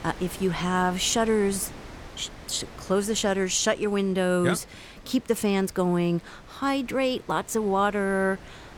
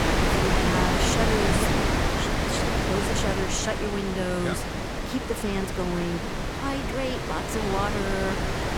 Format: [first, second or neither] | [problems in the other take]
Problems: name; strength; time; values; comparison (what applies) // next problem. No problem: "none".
first | wind noise on the microphone; heavy; 4 dB above the speech; occasional gusts in the first